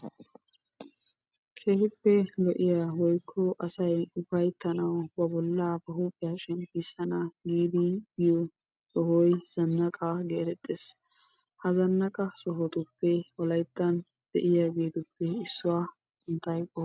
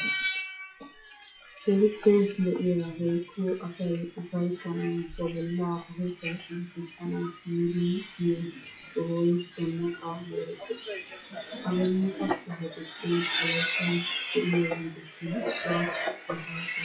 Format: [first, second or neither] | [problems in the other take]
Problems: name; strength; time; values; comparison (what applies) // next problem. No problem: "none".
first | noise reduction (classical method WPE with log-MMSE)